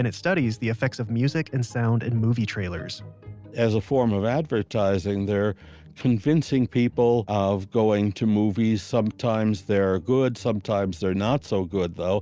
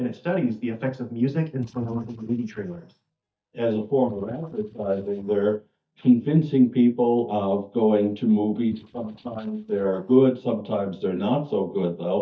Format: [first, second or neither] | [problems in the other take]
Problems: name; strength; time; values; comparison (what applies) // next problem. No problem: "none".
first | noise reduction (neural mask model DeepFilterNet 3)